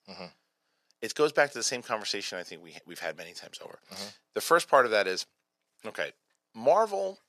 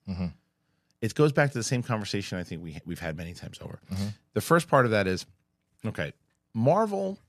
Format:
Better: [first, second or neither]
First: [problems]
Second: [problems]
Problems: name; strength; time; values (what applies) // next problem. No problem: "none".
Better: second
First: thin; very; fading below 550 Hz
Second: none